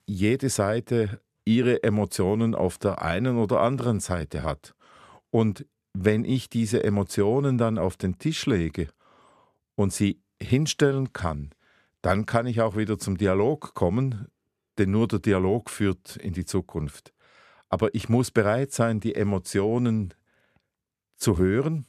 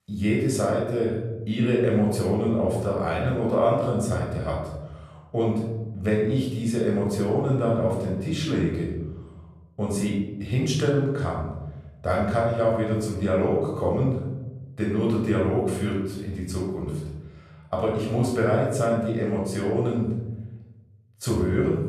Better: first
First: none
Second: room echo; noticeable; dies away in 1.1 s // off-mic speech; far

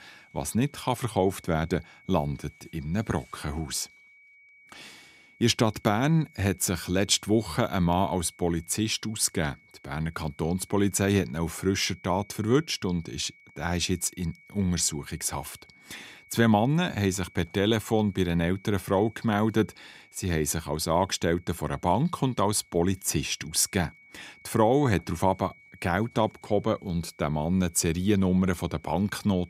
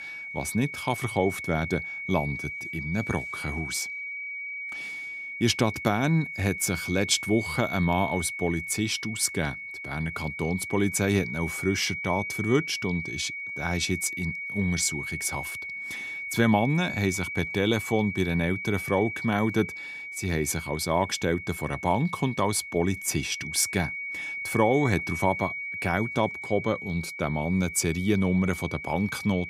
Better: first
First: high-pitched whine; faint; throughout; 2.5 kHz, 25 dB below the speech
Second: high-pitched whine; loud; throughout; 2.5 kHz, 6 dB below the speech

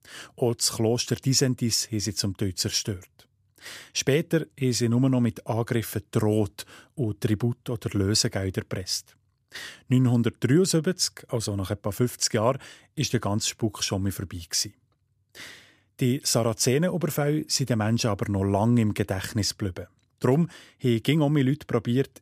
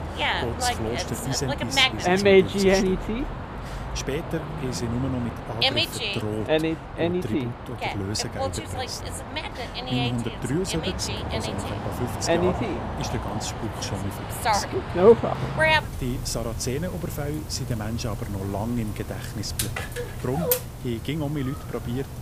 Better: first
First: none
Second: animal sounds; very loud; throughout; 5 dB above the speech

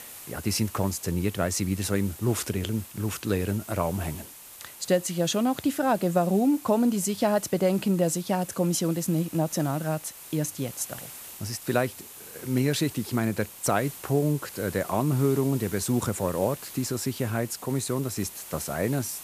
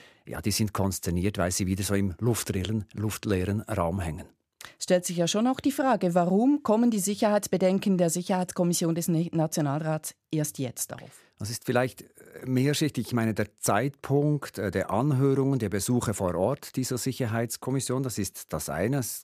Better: second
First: hiss; noticeable; throughout; 15 dB below the speech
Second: none

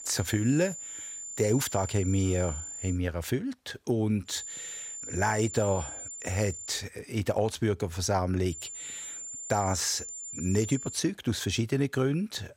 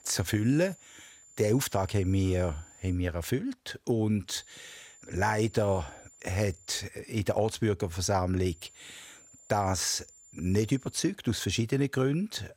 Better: second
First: high-pitched whine; loud; until 3 s, from 4.5 to 6.5 s and from 8.5 to 11 s; 7 kHz, 8 dB below the speech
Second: high-pitched whine; faint; until 3 s, from 4.5 to 6.5 s and from 8.5 to 11 s; 7 kHz, 25 dB below the speech

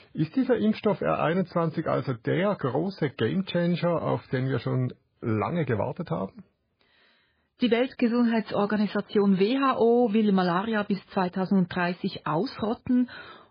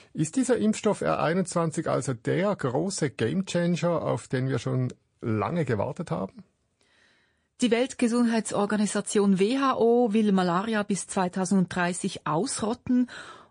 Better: second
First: garbled, watery; badly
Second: garbled, watery; slightly; nothing above 10 kHz

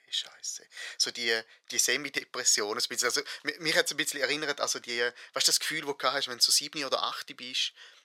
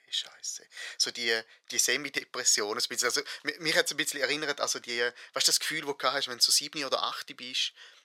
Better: neither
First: thin; very; fading below 750 Hz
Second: thin; very; fading below 750 Hz

